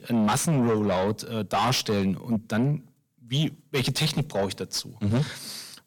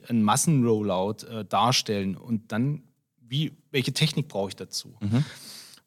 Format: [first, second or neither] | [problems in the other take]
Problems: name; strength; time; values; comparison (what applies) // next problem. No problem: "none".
second | distortion; heavy; 7 dB below the speech